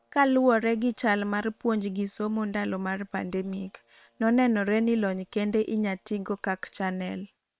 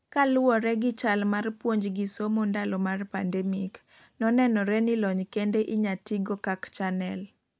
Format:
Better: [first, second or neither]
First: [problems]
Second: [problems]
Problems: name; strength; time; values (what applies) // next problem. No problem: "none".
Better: second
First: noise reduction (neural separator model SepFormer WHAM!)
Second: none